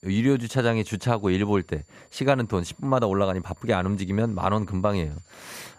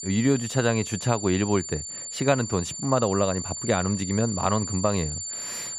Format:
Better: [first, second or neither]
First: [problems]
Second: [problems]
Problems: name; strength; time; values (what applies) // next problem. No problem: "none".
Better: first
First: high-pitched whine; faint; throughout; 7 kHz, 35 dB below the speech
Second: high-pitched whine; loud; throughout; 7 kHz, 7 dB below the speech